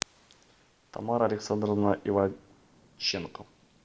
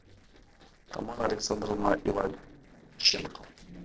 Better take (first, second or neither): first